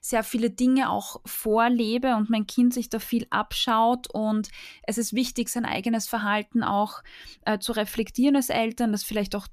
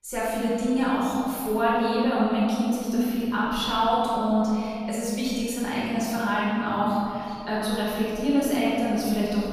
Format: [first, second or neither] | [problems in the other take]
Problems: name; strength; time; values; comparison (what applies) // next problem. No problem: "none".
first | off-mic speech; far // room echo; strong; dies away in 2.6 s